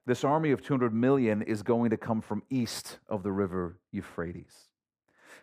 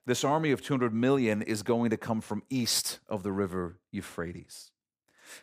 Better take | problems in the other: second | muffled; slightly; fading above 2.5 kHz

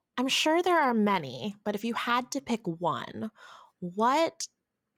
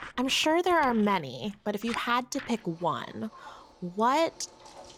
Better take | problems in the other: first | household noises; noticeable; throughout; 20 dB below the speech

